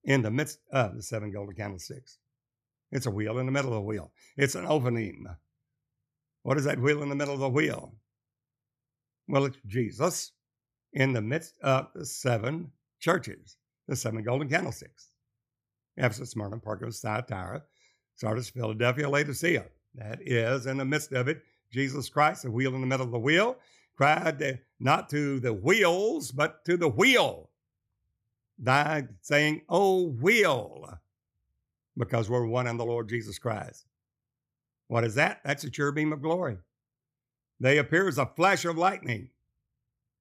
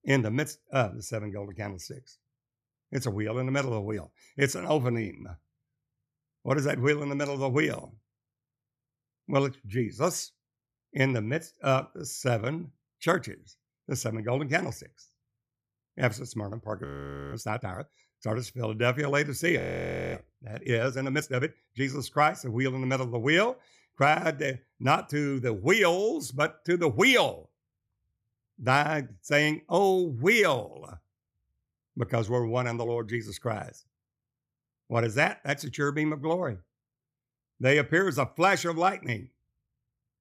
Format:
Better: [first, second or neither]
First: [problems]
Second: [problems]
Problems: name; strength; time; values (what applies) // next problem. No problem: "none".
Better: first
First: none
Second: audio freezing; at 17 s and at 20 s for 0.5 s